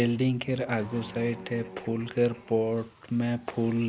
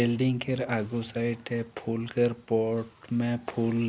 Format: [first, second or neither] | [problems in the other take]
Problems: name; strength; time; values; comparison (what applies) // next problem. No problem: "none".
second | background sound (Guitar); 17 dB below the speech